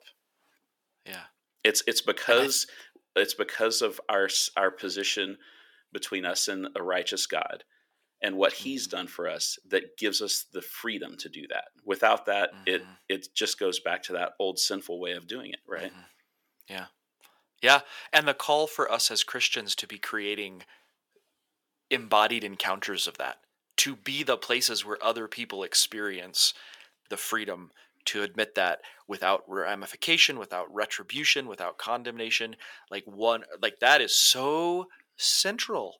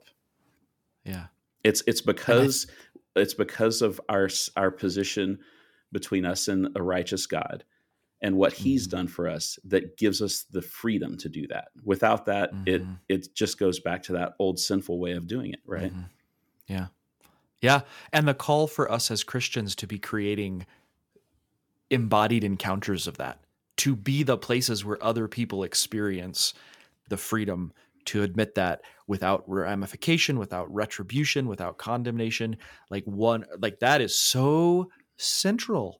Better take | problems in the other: second | thin; somewhat; fading below 500 Hz

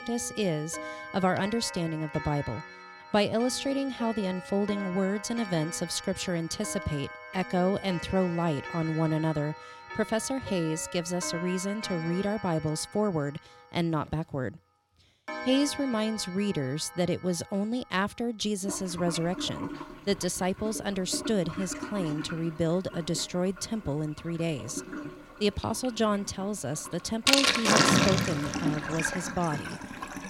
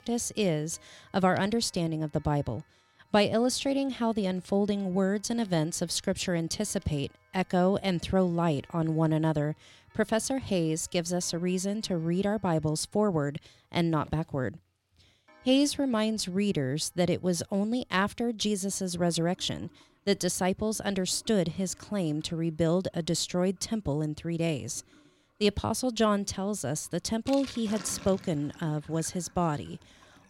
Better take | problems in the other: second | household noises; loud; throughout; 3 dB below the speech; faint in the second

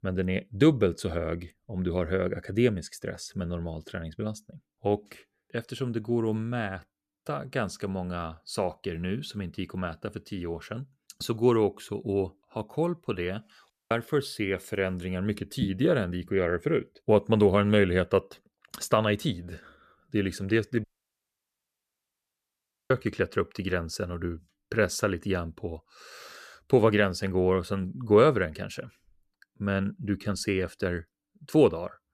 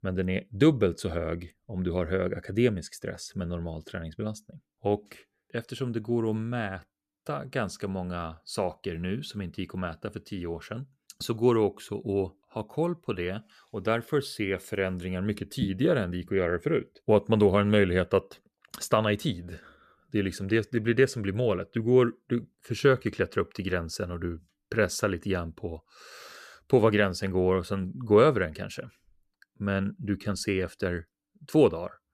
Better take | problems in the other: second | audio cutting out; at 14 s and at 21 s for 2 s

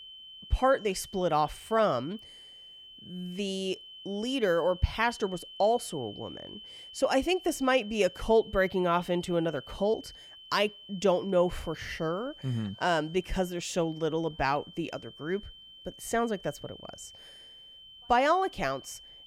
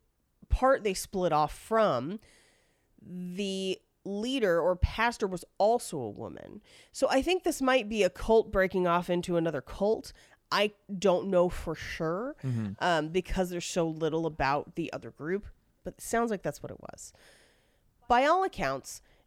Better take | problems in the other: second | high-pitched whine; noticeable; throughout; 3 kHz, 15 dB below the speech

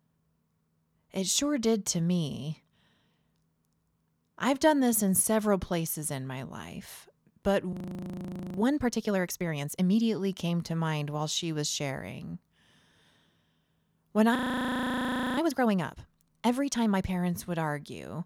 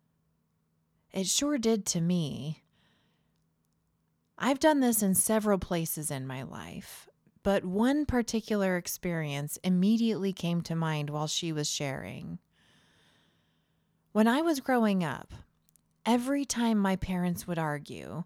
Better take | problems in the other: second | audio freezing; at 7.5 s for 1 s and at 14 s for 1 s

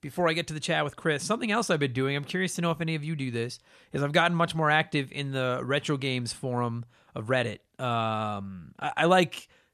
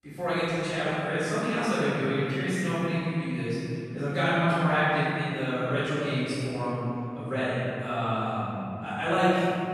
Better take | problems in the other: first | off-mic speech; far // room echo; strong; dies away in 2.9 s

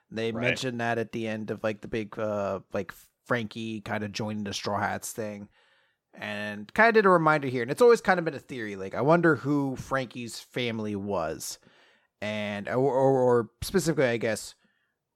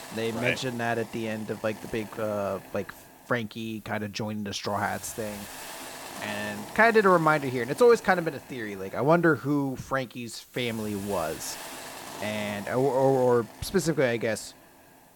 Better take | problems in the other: first | hiss; noticeable; throughout; 15 dB below the speech

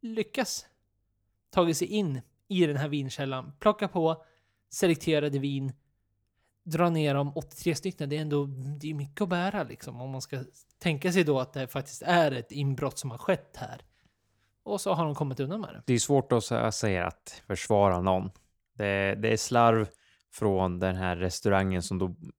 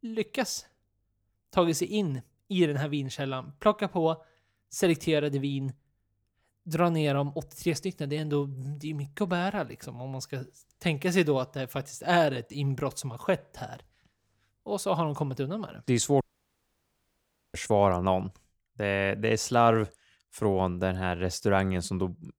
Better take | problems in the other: first | audio cutting out; at 16 s for 1.5 s

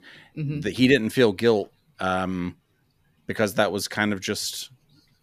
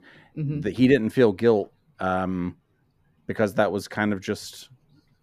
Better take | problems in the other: first | muffled; slightly; fading above 2 kHz

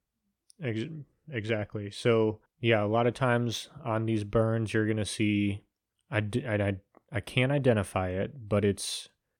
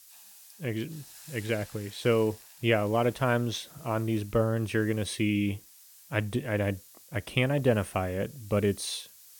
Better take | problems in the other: first | hiss; faint; throughout; 20 dB below the speech

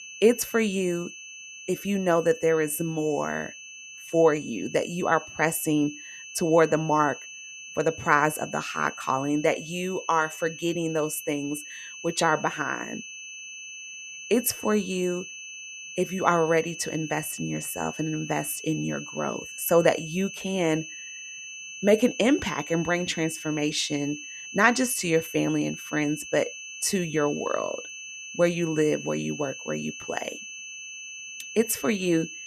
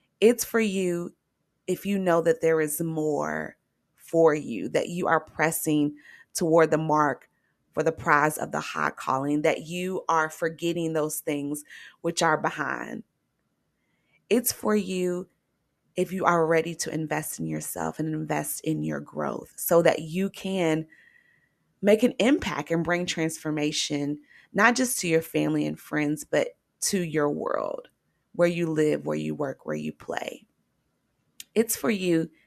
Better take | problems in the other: second | high-pitched whine; noticeable; throughout; 2.5 kHz, 10 dB below the speech

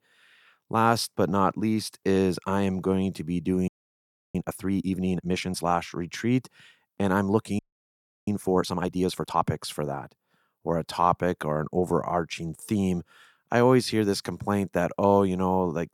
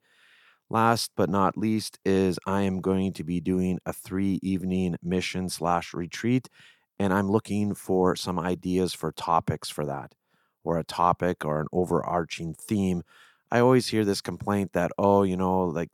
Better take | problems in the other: second | audio freezing; at 3.5 s for 0.5 s and at 7.5 s for 0.5 s

